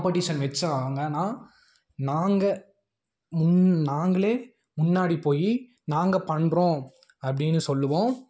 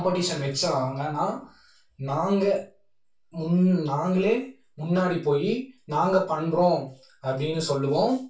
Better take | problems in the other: first | room echo; dies away in 0.2 s

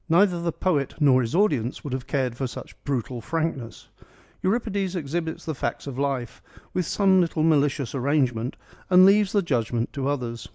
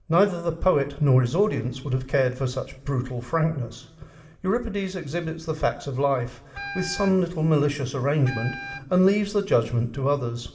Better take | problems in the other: first | background sound (Wind instrument, woodwind instrument); 14 dB below the speech // room echo; dies away in 2.6 s

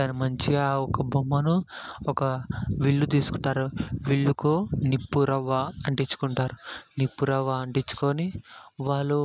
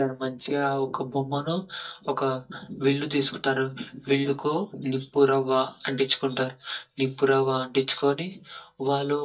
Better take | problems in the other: first | noise reduction (neural mask model DeepFilterNet 3)

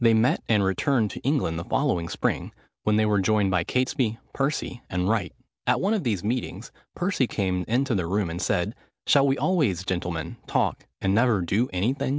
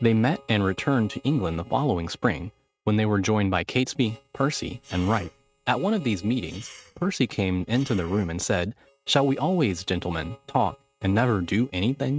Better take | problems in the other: first | noise reduction (neural mask model RNNoise)

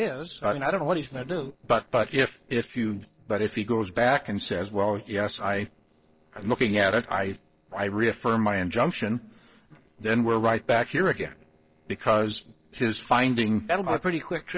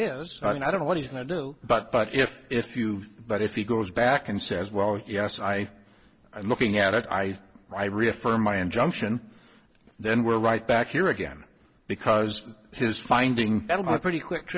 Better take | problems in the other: second | noise reduction (neural separator model SepFormer DNS4)

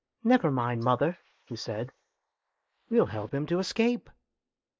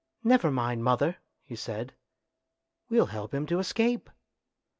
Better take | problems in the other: second | noise reduction (neural mask model Resemble Enhance denoiser)

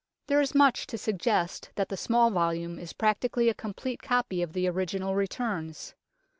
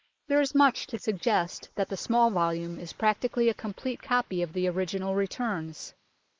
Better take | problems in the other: first | noise reduction (neural mask model Resemble Enhance denoiser)

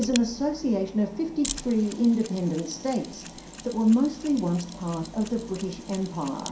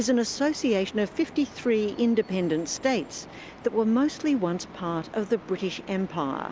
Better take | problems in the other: second | background sound (Mechanisms); 15 dB below the speech // room echo; dies away in 0.5 s

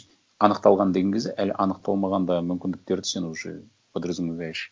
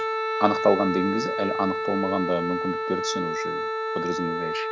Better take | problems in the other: first | background sound (Wind instrument, woodwind instrument); 1 dB below the speech

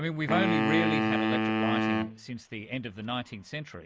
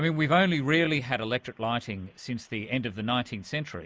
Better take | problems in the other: second | background sound (Wind instrument, woodwind instrument); 4 dB above the speech

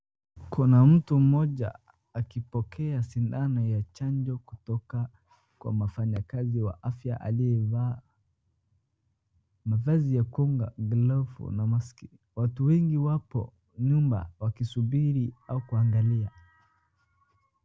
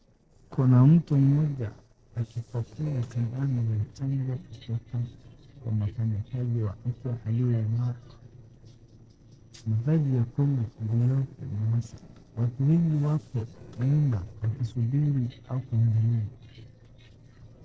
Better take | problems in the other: first | noise reduction (neural separator model SepFormer DNS4)

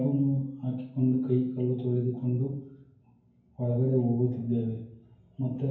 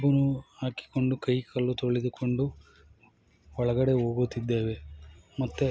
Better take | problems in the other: second | room echo; dies away in 0.9 s

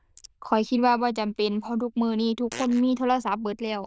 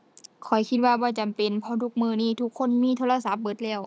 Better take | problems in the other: second | noise reduction (neural diffusion model UNIVERSE++)

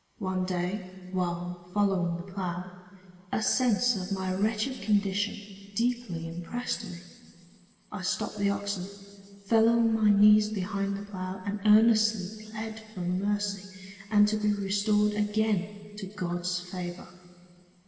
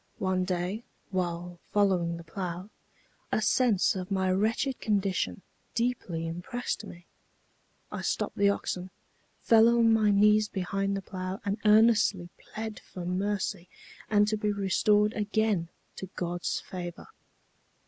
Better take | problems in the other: second | room echo; dies away in 2.5 s

